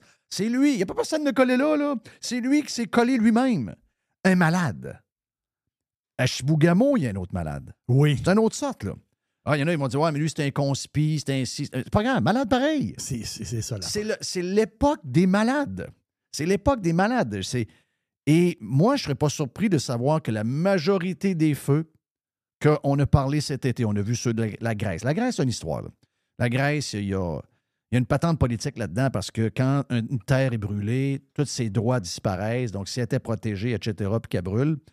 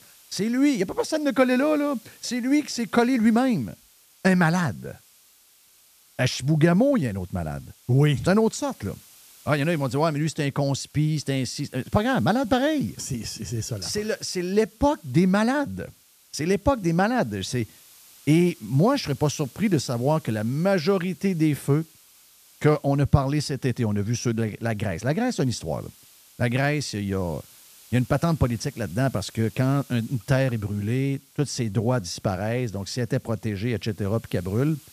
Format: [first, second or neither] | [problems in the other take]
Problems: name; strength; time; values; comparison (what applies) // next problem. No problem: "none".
first | hiss; faint; throughout; 25 dB below the speech